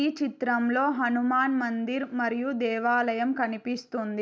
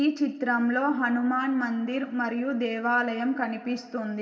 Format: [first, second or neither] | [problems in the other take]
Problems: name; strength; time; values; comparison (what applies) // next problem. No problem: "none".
first | room echo; dies away in 2.2 s